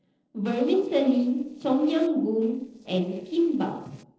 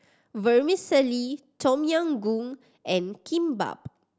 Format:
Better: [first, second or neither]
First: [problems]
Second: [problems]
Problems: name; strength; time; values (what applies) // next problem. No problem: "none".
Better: second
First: noise reduction (neural separator model SepFormer DNS4)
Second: none